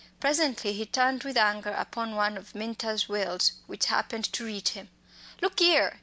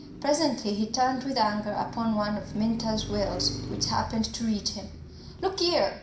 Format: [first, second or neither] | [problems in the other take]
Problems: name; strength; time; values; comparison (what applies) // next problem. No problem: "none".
first | background sound (Car passing by); 11 dB below the speech // room echo; dies away in 0.5 s